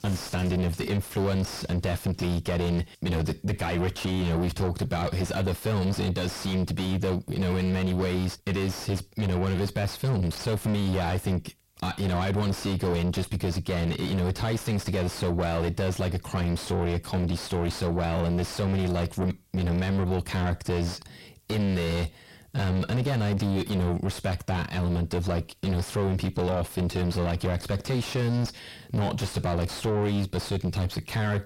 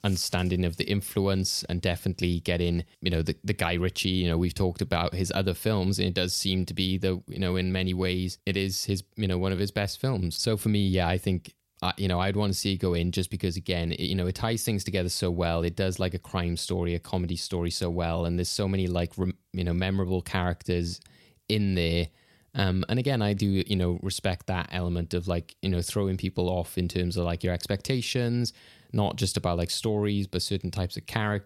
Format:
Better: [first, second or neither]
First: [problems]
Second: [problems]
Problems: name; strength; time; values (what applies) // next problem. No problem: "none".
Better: second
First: distortion; heavy; 5 dB below the speech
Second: none